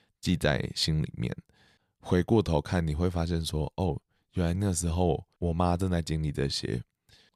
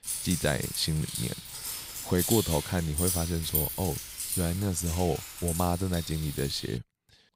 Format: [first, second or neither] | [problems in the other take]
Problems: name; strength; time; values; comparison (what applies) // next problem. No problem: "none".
first | jangling keys; loud; until 6.5 s; peak 2 dB above the speech